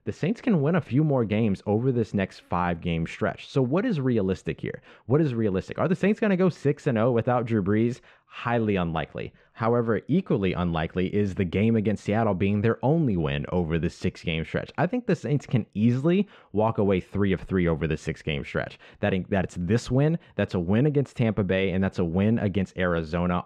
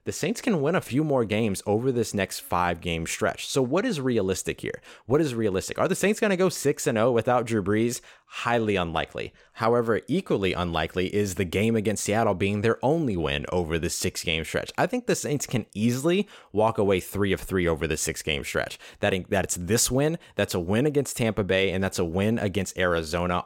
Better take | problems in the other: second | muffled; slightly; fading above 3 kHz

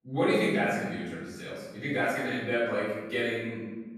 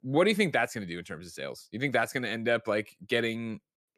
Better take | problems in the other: second | off-mic speech; far // room echo; strong; dies away in 1.1 s

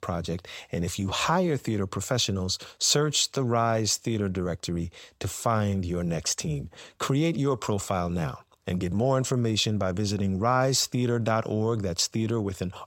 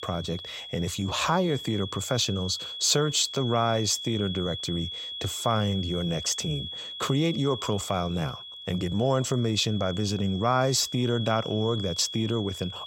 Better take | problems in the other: first | high-pitched whine; loud; throughout; 3.5 kHz, 9 dB below the speech

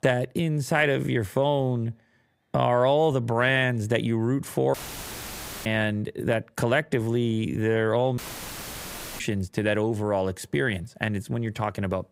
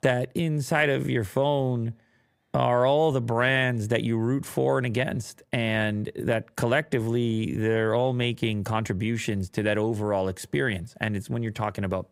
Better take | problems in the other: second | audio cutting out; filled with static; at 4.5 s for 1 s and at 8 s for 1 s

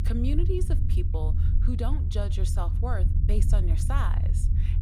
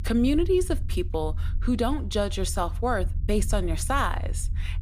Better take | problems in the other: second | low rumble; loud; throughout; 6 dB below the speech; faint in the second

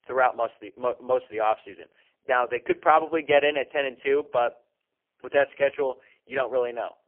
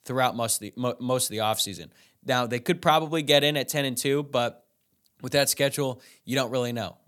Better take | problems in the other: second | phone-call audio; poor line; nothing above 3 kHz

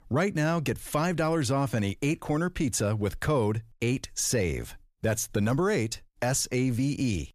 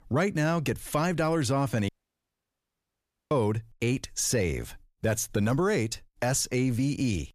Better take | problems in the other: first | audio cutting out; at 2 s for 1.5 s

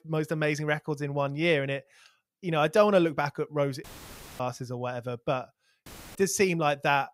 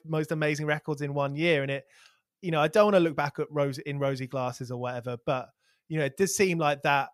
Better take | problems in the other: second | audio cutting out; filled with static; at 4 s for 0.5 s and at 6 s

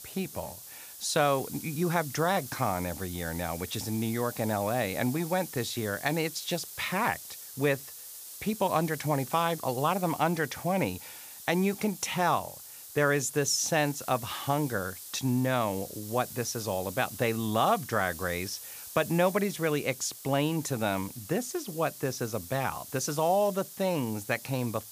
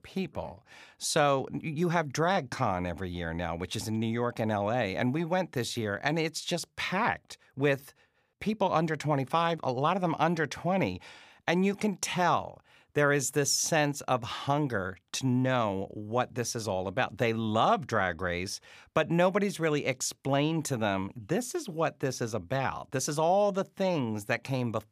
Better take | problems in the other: second | hiss; noticeable; throughout; 10 dB below the speech

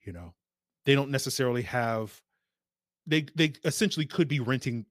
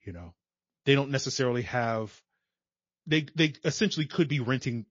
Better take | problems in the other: first | garbled, watery; slightly; nothing above 6.5 kHz

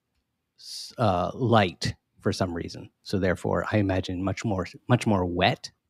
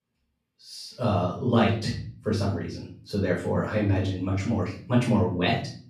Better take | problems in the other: first | off-mic speech; far // room echo; slight; dies away in 0.4 s

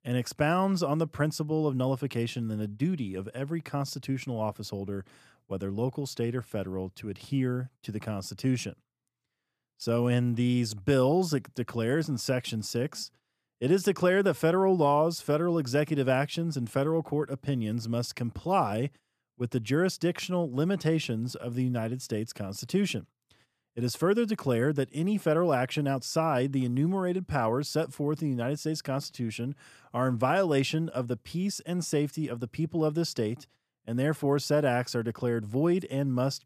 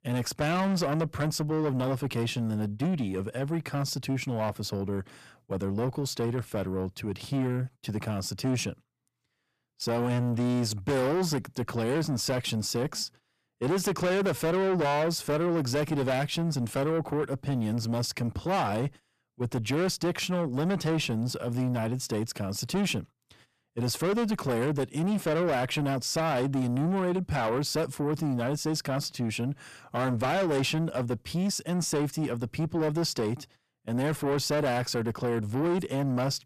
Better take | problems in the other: first | distortion; heavy; 7 dB below the speech

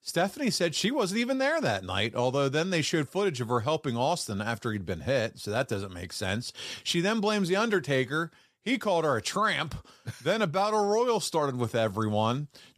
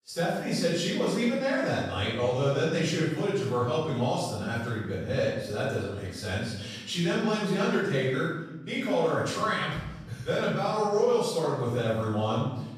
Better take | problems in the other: first | room echo; strong; dies away in 1.1 s // off-mic speech; far

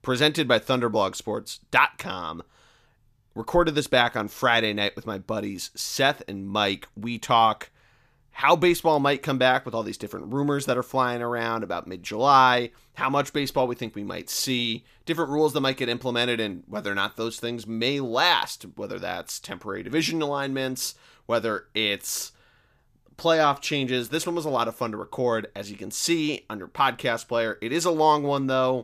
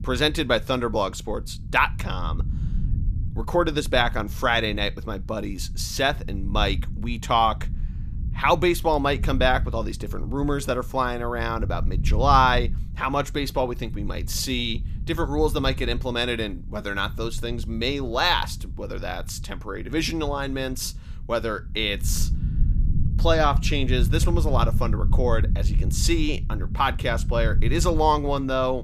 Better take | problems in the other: first | low rumble; faint; throughout; 20 dB below the speech

